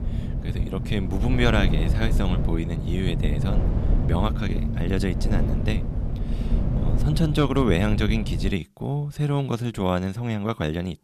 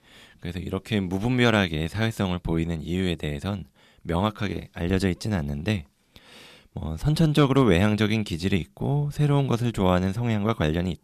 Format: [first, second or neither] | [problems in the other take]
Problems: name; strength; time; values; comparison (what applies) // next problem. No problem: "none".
second | low rumble; loud; until 8.5 s; 8 dB below the speech